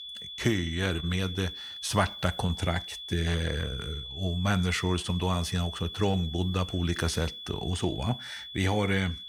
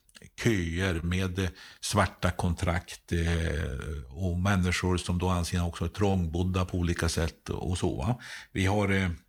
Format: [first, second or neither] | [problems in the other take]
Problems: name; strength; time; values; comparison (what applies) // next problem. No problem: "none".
second | high-pitched whine; loud; throughout; 3.5 kHz, 9 dB below the speech